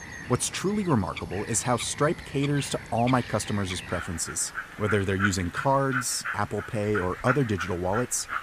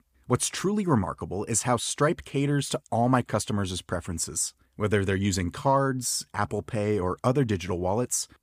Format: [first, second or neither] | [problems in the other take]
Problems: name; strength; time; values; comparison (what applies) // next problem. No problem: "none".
second | animal sounds; loud; throughout; 8 dB below the speech